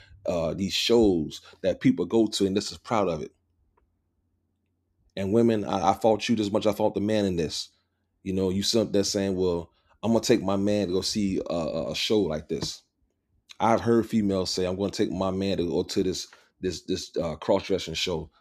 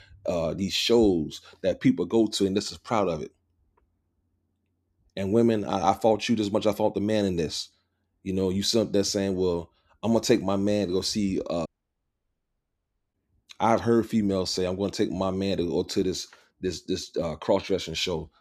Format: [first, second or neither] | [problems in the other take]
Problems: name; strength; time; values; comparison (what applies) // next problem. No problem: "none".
first | audio cutting out; at 12 s for 1.5 s